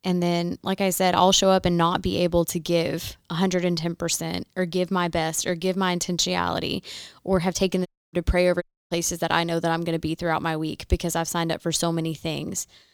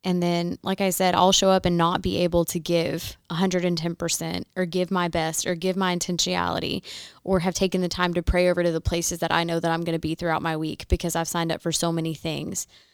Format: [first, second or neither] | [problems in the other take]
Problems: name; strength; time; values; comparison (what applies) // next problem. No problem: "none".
second | audio cutting out; at 8 s and at 8.5 s